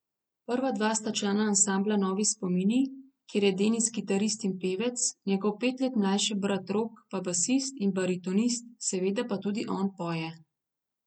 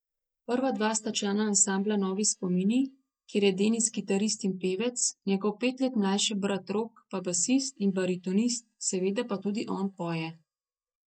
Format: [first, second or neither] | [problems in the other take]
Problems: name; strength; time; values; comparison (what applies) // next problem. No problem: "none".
first | noise reduction (neural mask model DeepFilterNet 3)